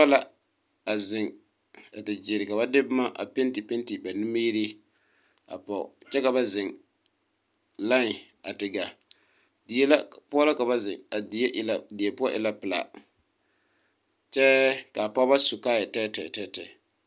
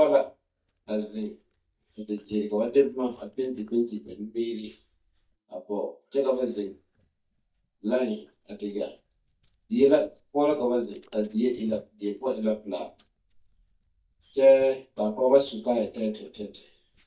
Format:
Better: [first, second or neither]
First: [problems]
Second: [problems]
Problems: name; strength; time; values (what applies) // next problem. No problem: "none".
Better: first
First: none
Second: noise reduction (neural mask model DeepFilterNet 3)